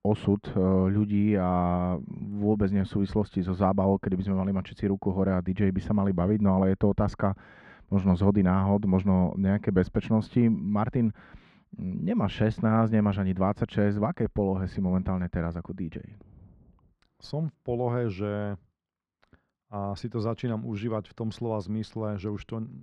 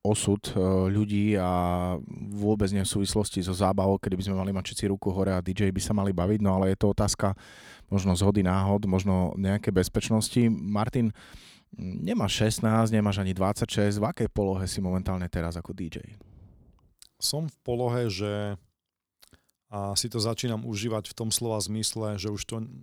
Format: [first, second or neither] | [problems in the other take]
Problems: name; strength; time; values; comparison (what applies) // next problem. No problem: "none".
second | muffled; very; fading above 1.5 kHz